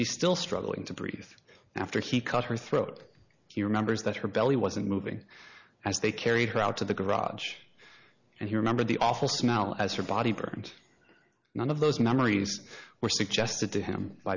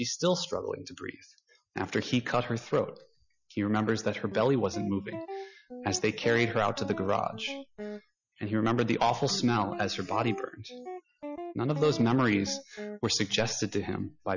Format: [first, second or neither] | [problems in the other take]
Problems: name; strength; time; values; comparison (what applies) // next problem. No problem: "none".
first | noise reduction (classical method Wiener filter)